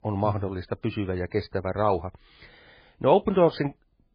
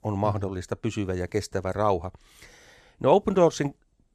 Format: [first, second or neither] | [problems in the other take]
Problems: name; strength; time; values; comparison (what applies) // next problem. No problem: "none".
second | garbled, watery; badly